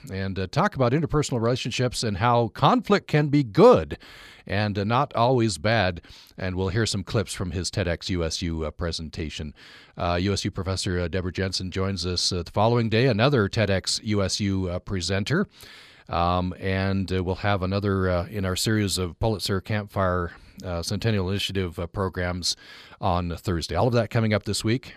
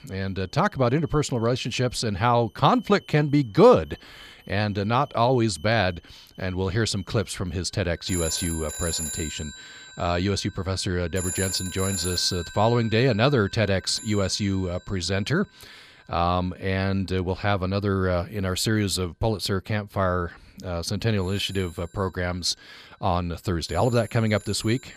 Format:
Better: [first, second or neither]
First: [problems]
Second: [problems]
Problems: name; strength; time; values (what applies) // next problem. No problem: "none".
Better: first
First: none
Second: alarms or sirens; loud; throughout; 10 dB below the speech